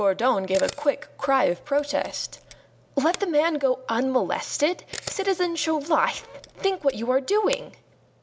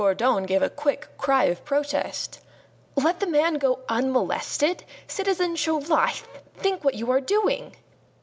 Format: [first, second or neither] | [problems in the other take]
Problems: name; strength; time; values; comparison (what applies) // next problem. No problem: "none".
second | background sound (Camera); 18 dB below the speech